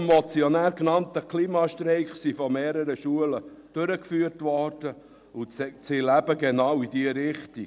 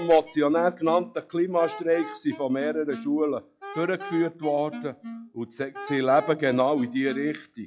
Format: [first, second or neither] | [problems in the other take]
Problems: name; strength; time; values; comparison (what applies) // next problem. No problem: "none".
first | noise reduction (classical method log-MMSE)